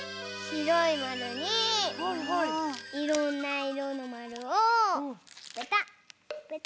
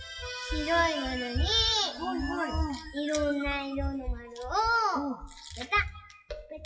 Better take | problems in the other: first | noise reduction (classical method WPE with log-MMSE)

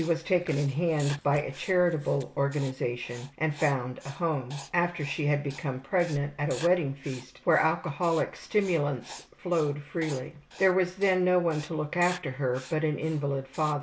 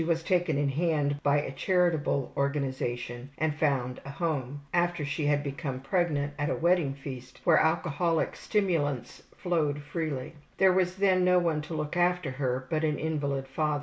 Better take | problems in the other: second | background sound (Chewing, mastication + Writing); 20 dB below the speech

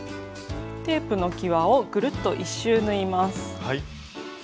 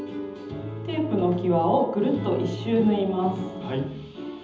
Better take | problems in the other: first | background sound (Wind instrument, woodwind instrument); 20 dB below the speech // room echo; dies away in 0.8 s

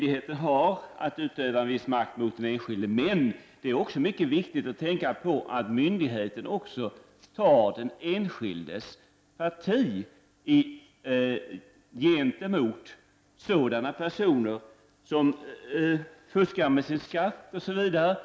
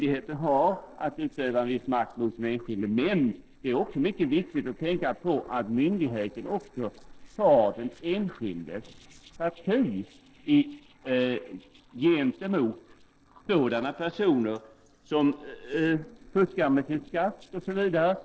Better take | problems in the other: first | noise reduction (neural separator model SepFormer DNS4)

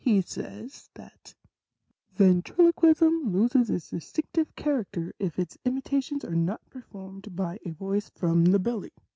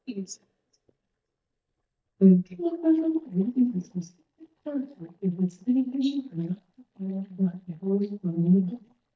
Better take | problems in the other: first | noise reduction (neural mask model DeepFilterNet 3)

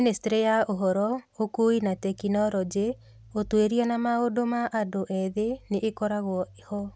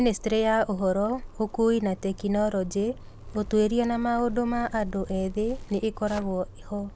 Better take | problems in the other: first | background sound (Zipper (clothing)); 13 dB below the speech

